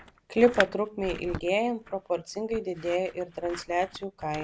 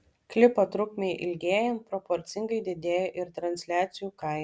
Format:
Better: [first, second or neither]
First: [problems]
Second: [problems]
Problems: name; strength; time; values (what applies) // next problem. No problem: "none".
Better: second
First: background sound (Scissors); 12 dB below the speech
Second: none